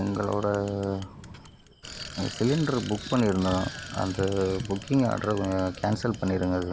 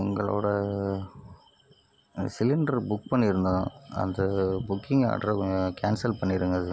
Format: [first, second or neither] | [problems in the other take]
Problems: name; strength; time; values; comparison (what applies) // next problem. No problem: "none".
second | background sound (Bicycle); 15 dB below the speech